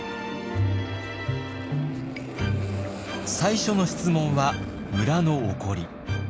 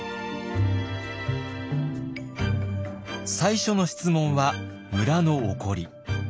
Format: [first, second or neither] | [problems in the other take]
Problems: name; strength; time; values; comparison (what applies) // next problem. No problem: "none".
second | background sound (Aircraft); 10 dB below the speech